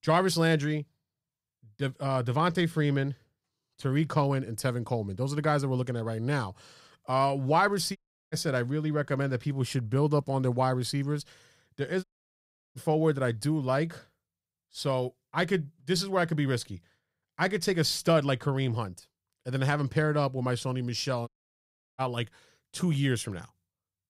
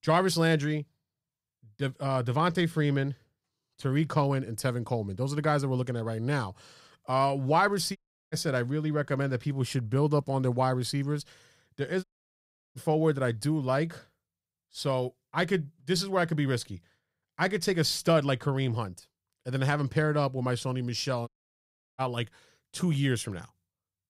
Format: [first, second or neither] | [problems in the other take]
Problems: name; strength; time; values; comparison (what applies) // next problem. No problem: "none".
neither | audio cutting out; at 8 s, at 12 s for 0.5 s and at 21 s for 0.5 s; the same in both